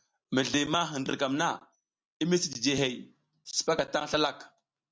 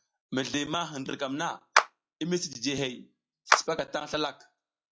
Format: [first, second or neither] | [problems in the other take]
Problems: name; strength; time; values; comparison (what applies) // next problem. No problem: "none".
first | noise reduction (classical method log-MMSE)